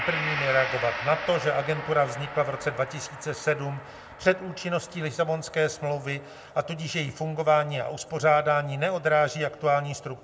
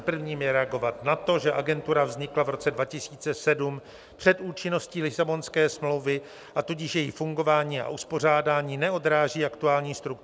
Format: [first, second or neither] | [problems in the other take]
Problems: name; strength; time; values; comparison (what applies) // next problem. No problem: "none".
second | background sound (Gong); 11 dB below the speech // room echo; dies away in 0.5 s